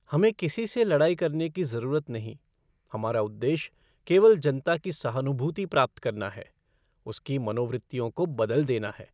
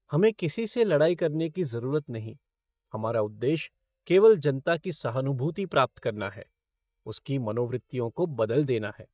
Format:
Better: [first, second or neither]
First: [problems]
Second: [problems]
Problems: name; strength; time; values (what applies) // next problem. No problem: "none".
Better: first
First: none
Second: noise reduction (neural mask model DeepFilterNet 3)